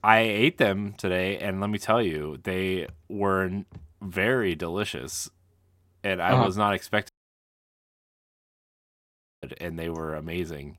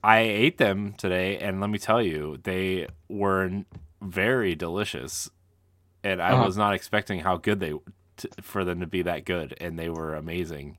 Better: second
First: audio cutting out; at 7 s for 2.5 s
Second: none

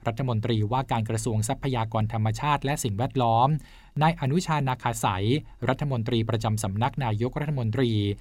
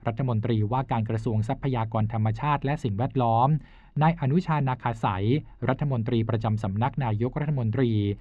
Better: first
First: none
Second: muffled; very; fading above 2.5 kHz

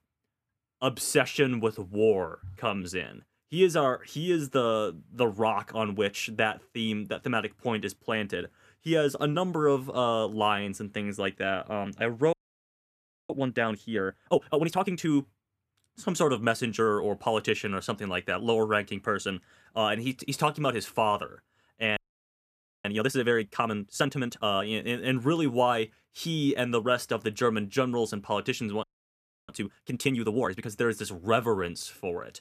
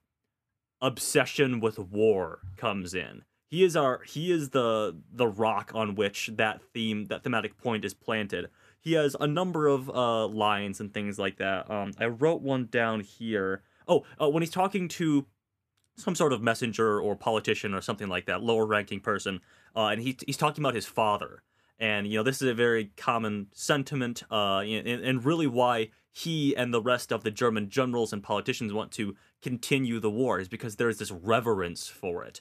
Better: second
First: audio freezing; at 12 s for 1 s, at 22 s for 1 s and at 29 s for 0.5 s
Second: none

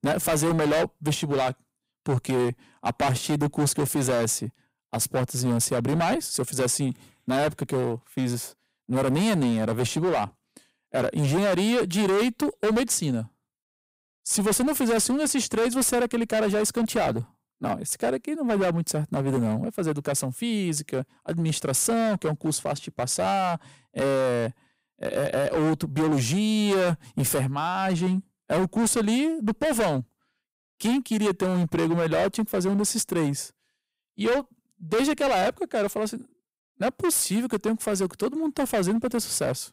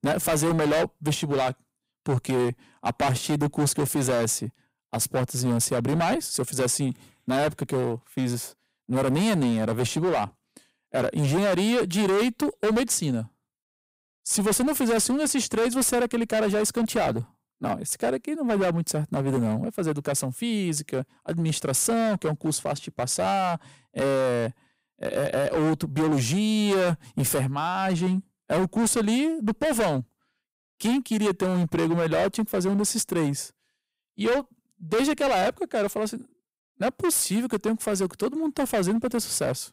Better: neither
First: distortion; heavy; 17% of the sound clipped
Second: distortion; heavy; 17% of the sound clipped

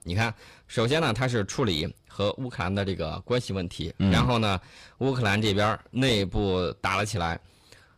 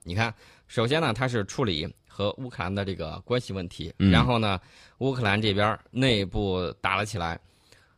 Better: second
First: distortion; slight; 10 dB below the speech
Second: none

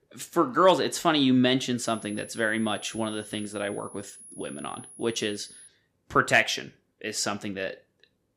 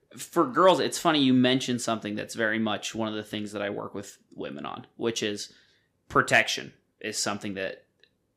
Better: second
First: high-pitched whine; noticeable; from 2 to 5.5 s; 10.5 kHz, 20 dB below the speech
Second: none

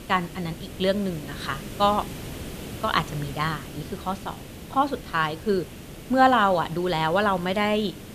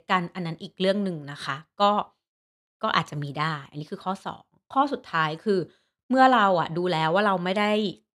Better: second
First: hiss; noticeable; throughout; 15 dB below the speech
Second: none

